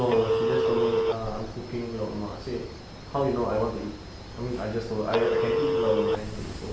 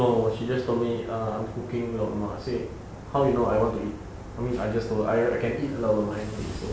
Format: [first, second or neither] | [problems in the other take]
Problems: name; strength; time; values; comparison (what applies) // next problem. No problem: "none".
second | background sound (Telephone); as loud as the speech